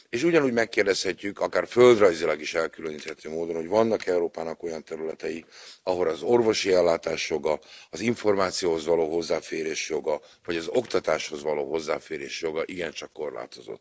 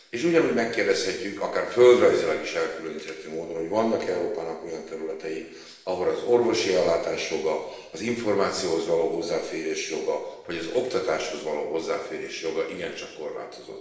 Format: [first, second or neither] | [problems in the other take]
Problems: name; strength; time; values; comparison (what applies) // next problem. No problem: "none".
first | room echo; dies away in 0.9 s